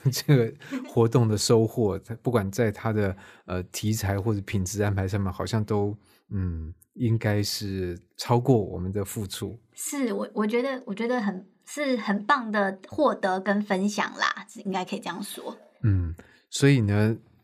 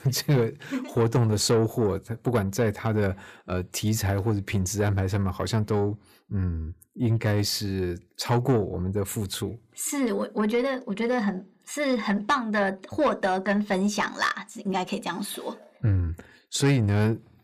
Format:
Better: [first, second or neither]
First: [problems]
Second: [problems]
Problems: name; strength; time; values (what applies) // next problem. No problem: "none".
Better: first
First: none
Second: distortion; slight; 10 dB below the speech